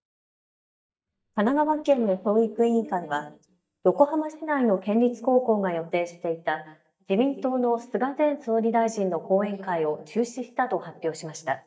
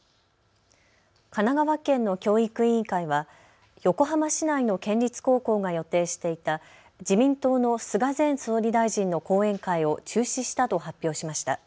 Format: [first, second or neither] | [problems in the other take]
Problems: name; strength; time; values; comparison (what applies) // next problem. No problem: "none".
second | noise reduction (neural mask model DeepFilterNet 3)